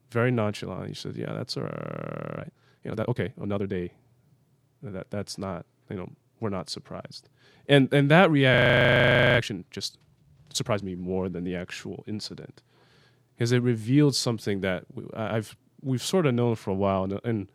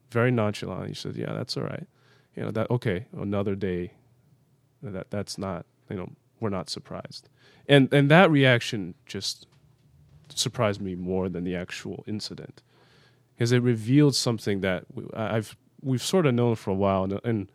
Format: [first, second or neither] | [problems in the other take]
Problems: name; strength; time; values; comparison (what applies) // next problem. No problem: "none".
second | audio freezing; at 1.5 s for 0.5 s and at 8.5 s for 1 s